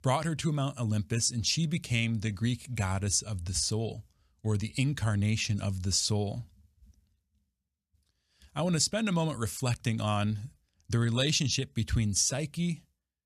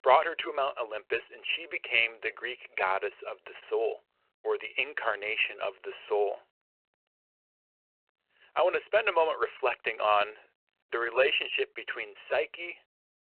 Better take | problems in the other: first | phone-call audio

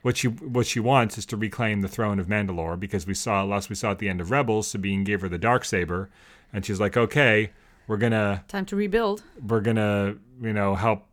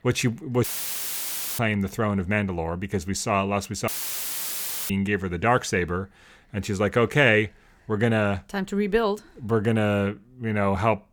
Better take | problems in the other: first | audio cutting out; filled with static; at 0.5 s for 1 s and at 4 s for 1 s

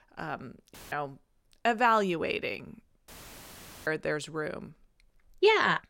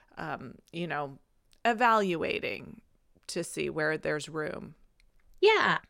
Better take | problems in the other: second | audio cutting out; filled with static; at 0.5 s and at 3 s for 1 s

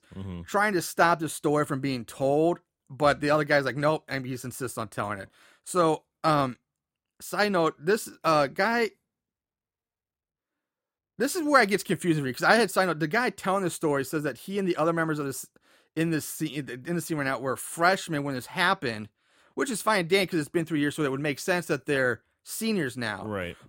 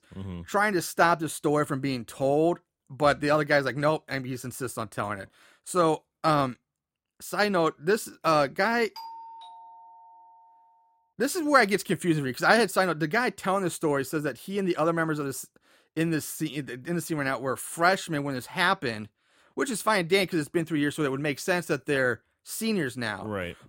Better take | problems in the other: first | doorbell; faint; from 9 to 11 s; peak 15 dB below the speech

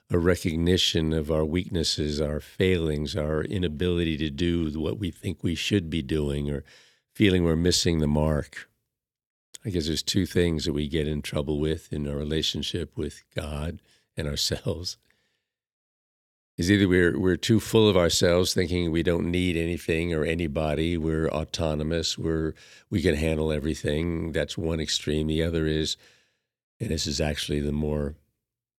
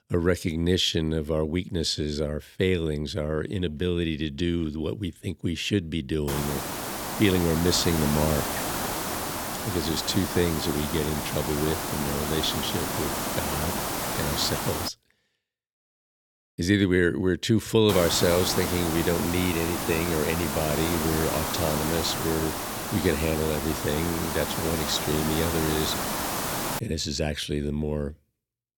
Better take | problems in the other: first | hiss; loud; from 6.5 to 15 s and from 18 to 27 s; 2 dB below the speech

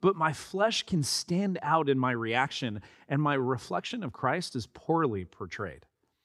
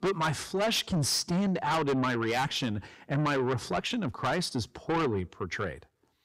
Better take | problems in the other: first | distortion; heavy; 6 dB below the speech

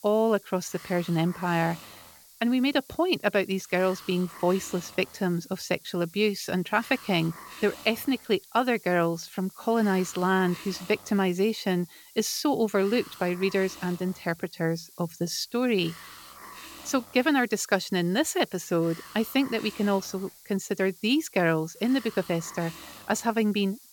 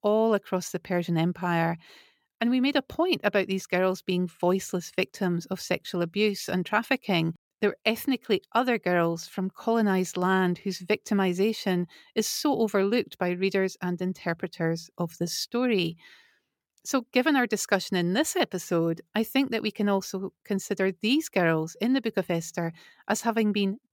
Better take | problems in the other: second | hiss; noticeable; throughout; 20 dB below the speech

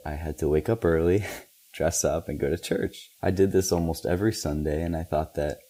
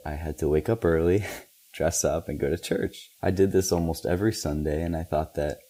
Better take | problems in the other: neither | hiss; faint; throughout; 30 dB below the speech; the same in both

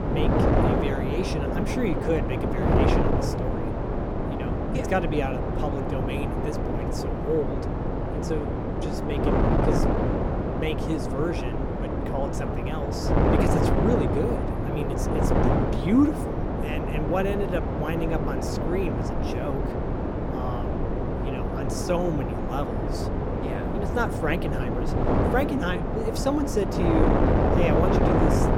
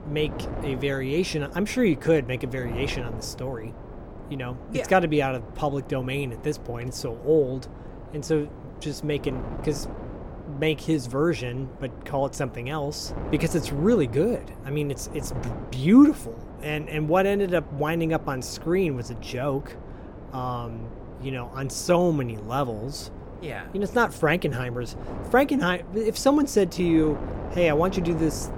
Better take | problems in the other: second | wind noise on the microphone; heavy; 3 dB above the speech; occasional gusts in the second

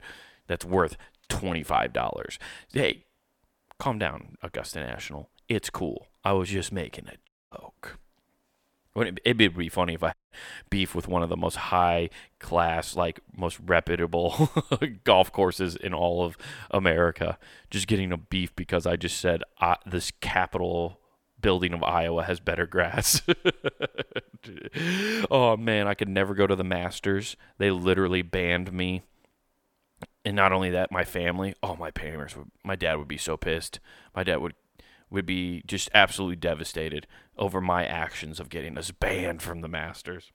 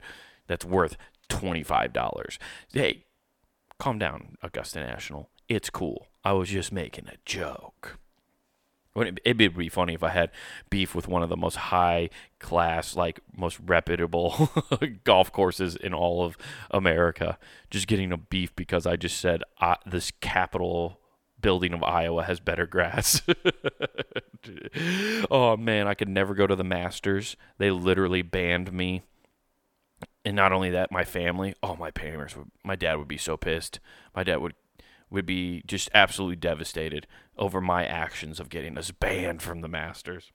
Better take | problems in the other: second | audio cutting out; at 7.5 s and at 10 s

